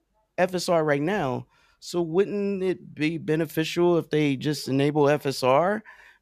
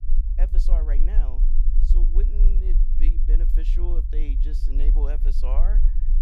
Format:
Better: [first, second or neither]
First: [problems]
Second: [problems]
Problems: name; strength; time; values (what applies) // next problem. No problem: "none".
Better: first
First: none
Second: low rumble; loud; throughout; 6 dB below the speech